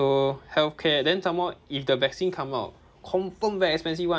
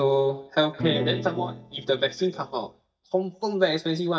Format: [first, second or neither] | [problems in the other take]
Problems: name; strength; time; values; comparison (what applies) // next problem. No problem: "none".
first | noise reduction (neural mask model DeepFilterNet 3)